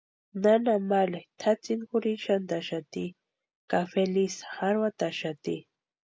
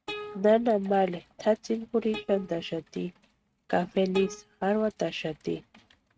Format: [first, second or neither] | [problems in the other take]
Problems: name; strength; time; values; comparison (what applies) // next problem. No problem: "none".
first | noise reduction (neural mask model RNNoise)